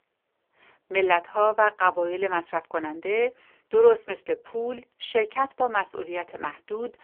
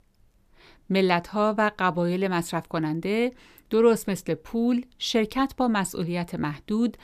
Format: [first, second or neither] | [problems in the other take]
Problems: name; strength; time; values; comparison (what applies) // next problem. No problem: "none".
second | phone-call audio; poor line; nothing above 3.5 kHz